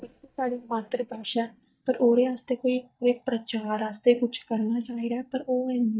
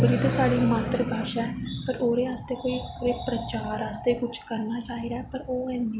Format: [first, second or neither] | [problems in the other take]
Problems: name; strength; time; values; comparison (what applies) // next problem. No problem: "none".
second | noise reduction (neural mask model DeepFilterNet 3)